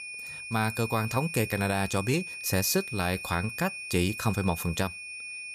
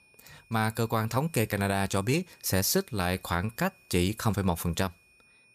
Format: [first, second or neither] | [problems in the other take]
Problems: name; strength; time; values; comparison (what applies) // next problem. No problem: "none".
second | high-pitched whine; loud; throughout; 2.5 kHz, 8 dB below the speech; faint in the second